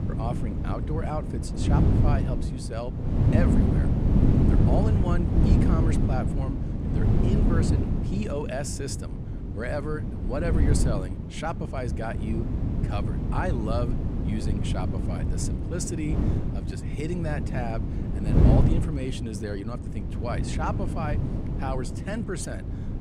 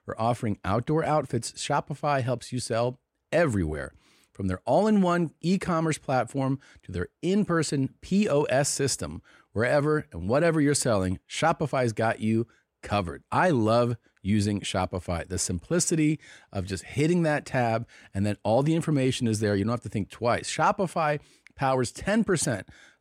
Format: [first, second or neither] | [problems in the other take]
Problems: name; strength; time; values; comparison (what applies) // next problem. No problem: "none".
second | wind noise on the microphone; heavy; 1 dB below the speech